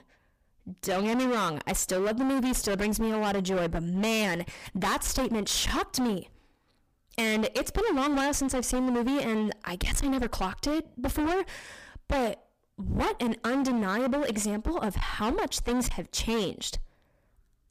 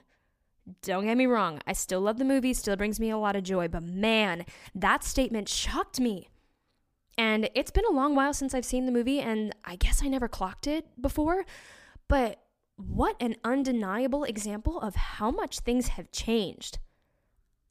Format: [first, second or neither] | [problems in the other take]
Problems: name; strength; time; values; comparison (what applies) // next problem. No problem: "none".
second | distortion; heavy; 25% of the sound clipped